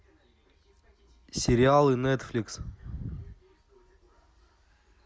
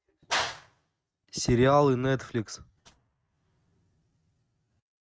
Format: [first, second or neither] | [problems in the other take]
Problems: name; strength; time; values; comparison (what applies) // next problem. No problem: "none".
first | noise reduction (neural mask model RNNoise)